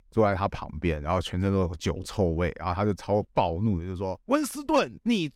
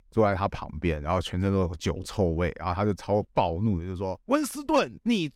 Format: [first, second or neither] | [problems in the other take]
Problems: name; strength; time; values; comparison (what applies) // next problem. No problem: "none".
neither | none